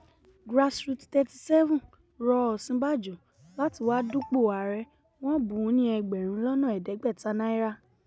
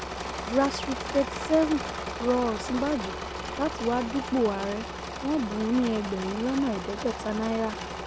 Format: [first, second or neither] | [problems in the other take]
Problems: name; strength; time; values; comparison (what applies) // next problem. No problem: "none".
first | background sound (Engine / Mechanisms); 6 dB below the speech